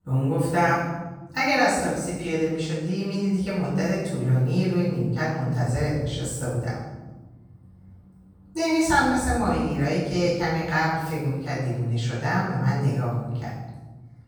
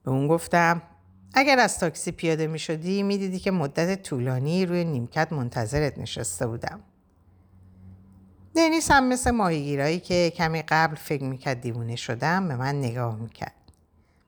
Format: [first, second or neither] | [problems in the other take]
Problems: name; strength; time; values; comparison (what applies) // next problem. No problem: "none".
second | room echo; strong; dies away in 1.2 s // off-mic speech; far